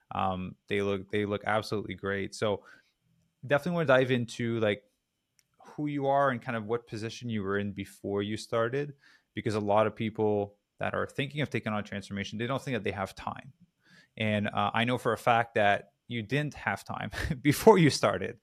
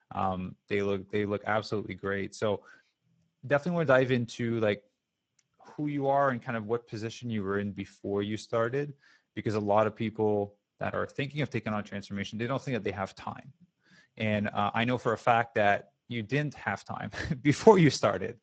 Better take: first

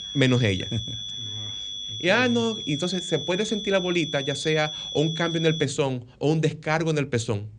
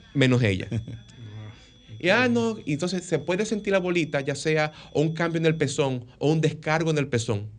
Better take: second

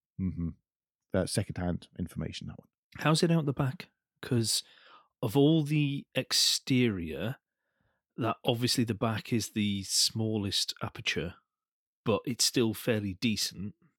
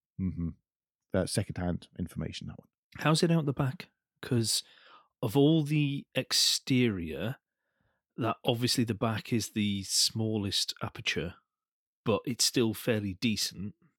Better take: neither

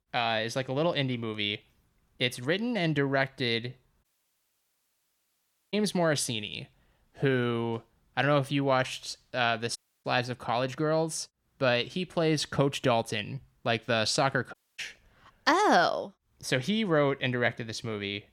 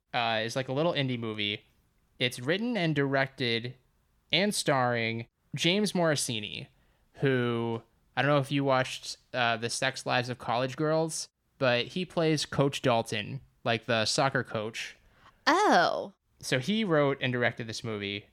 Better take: second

